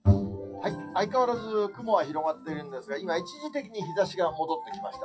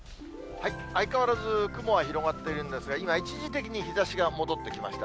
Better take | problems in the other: second | noise reduction (classical method WPE with log-MMSE)

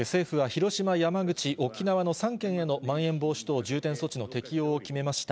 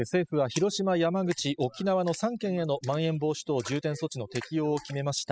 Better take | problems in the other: first | noise reduction (classical method spectral subtraction)

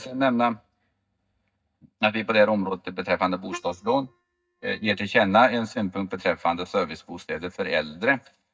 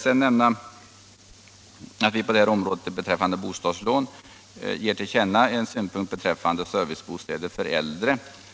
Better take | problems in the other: second | noise reduction (neural mask model DeepFilterNet 3)

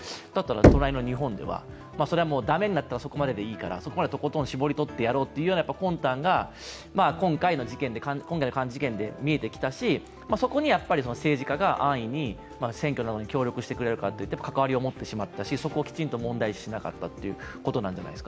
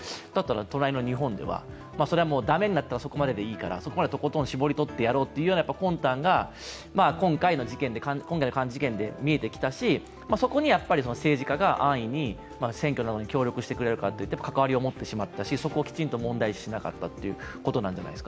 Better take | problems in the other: second | background sound (Knock); 3 dB above the speech

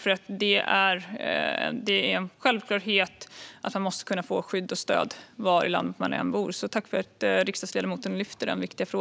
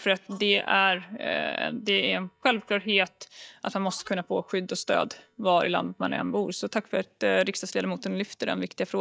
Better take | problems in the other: first | noise reduction (neural mask model DeepFilterNet 3)

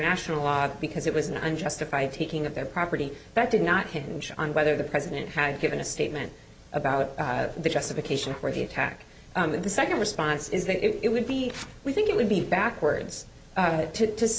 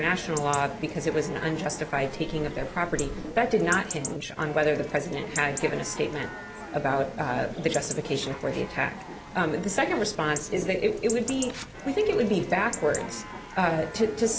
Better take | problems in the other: first | background sound (Breathing + Chatter / Chirp, tweet / Livestock, farm animals, working animals); 11 dB below the speech

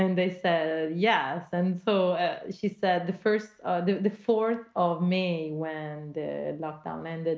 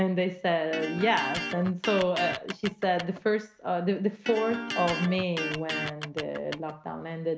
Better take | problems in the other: first | background sound (Electric guitar); 7 dB below the speech

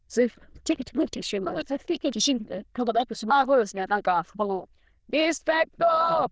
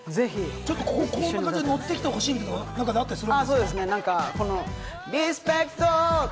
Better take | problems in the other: second | noise reduction (neural diffusion model UNIVERSE++)

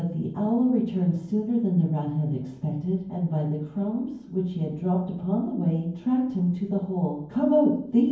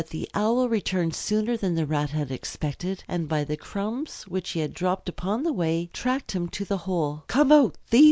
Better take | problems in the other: second | room echo; dies away in 0.9 s

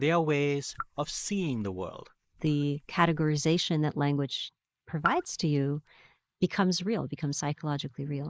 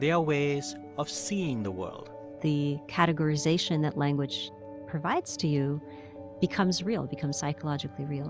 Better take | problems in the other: second | noise reduction (neural mask model Resemble Enhance denoiser)

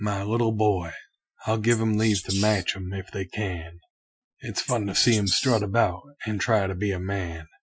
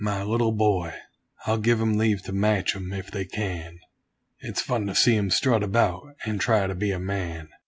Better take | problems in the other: second | noise reduction (classical method Wiener filter)

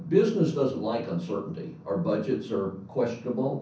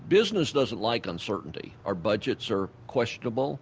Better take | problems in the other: second | room echo; dies away in 0.6 s

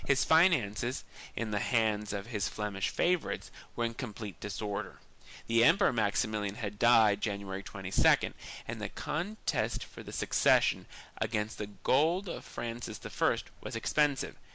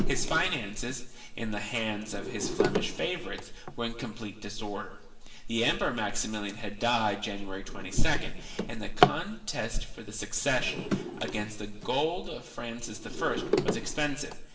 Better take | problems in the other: first | background sound (Drawer open or close); 5 dB below the speech // room echo; dies away in 0.8 s

